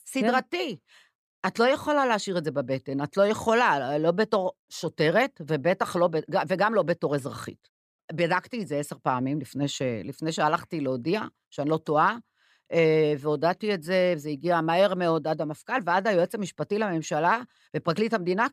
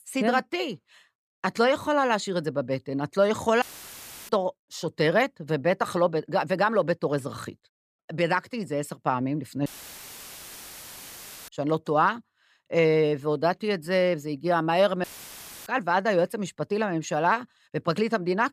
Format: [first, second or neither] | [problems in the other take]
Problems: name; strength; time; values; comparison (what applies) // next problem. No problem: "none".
first | audio cutting out; filled with static; at 3.5 s for 0.5 s, at 9.5 s for 2 s and at 15 s for 0.5 s